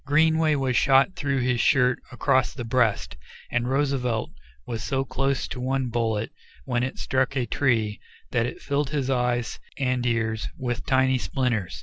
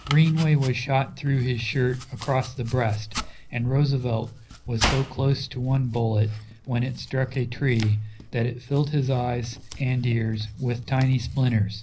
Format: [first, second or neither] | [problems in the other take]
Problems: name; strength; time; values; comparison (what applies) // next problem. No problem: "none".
first | background sound (Domestic sounds, home sounds); 14 dB below the speech // room echo; dies away in 0.5 s